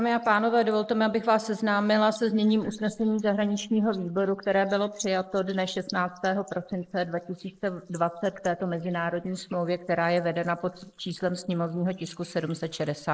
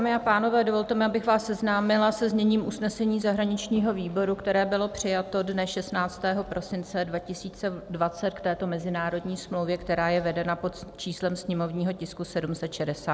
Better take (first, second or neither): second